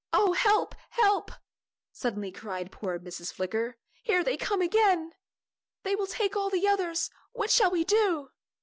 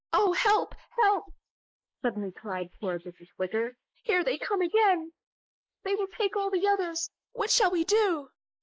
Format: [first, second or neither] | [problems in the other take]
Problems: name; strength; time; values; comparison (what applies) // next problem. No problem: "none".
first | noise reduction (neural mask model Resemble Enhance denoiser)